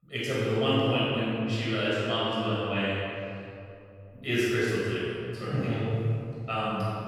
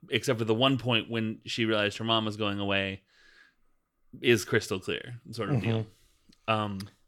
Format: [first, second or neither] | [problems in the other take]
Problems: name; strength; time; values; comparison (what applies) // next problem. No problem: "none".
second | off-mic speech; far // room echo; strong; dies away in 2.5 s